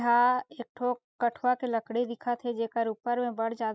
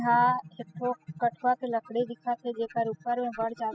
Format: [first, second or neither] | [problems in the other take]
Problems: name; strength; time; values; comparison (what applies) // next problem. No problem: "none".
first | noise reduction (classical method spectral subtraction)